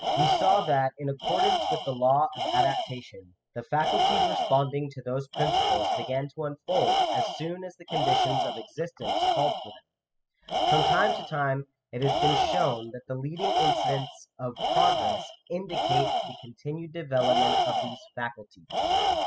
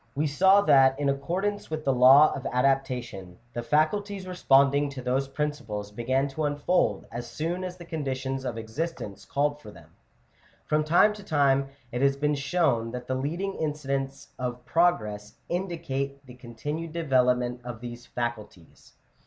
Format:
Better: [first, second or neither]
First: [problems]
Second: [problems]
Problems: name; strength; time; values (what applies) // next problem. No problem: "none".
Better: second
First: noise reduction (classical method spectral subtraction)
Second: none